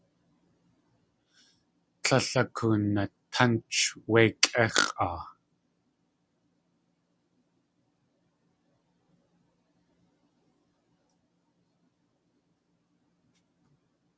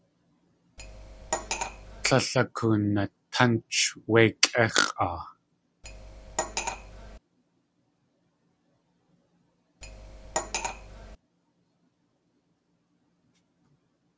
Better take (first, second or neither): first